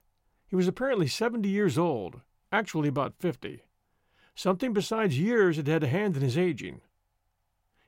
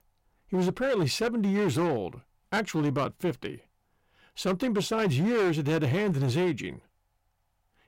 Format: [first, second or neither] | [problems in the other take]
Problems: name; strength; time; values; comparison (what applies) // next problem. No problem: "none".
first | distortion; slight; 12% of the sound clipped